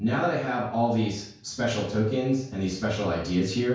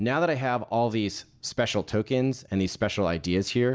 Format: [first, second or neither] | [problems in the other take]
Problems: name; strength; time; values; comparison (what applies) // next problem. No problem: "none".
second | room echo; dies away in 0.5 s